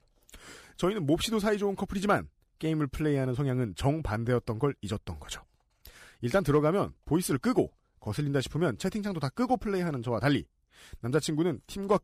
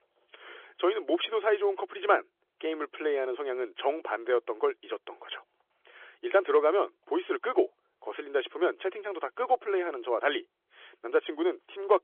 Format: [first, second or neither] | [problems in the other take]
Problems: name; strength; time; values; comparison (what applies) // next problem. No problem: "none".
first | phone-call audio; nothing above 3.5 kHz